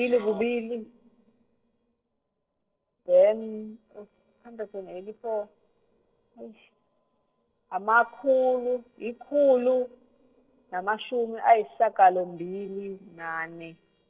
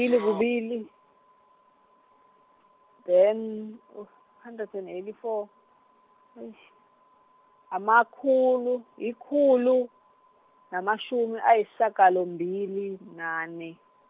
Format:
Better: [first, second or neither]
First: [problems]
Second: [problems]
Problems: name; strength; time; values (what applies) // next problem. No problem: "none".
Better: second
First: noise reduction (neural separator model SepFormer DNS4)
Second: none